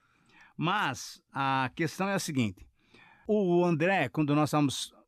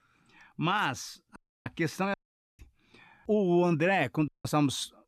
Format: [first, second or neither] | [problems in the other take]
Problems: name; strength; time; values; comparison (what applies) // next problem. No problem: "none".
first | audio cutting out; at 1.5 s, at 2 s and at 4.5 s